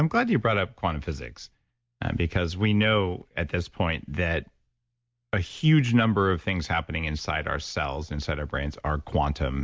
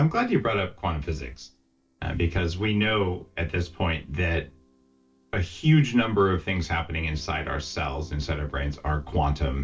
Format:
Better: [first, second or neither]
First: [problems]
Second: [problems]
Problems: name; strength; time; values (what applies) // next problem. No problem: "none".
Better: first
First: none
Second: noise reduction (neural separator model SepFormer DNS4)